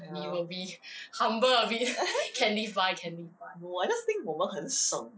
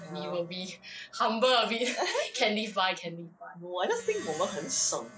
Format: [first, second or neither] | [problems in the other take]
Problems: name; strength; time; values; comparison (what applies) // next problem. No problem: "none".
first | background sound (Plucked string instrument); 20 dB below the speech